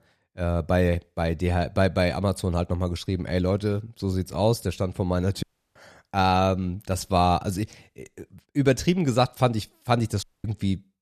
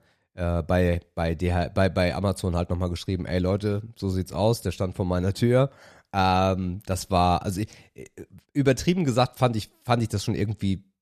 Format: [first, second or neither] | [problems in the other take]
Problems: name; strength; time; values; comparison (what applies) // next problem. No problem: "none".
second | audio cutting out; at 5.5 s and at 10 s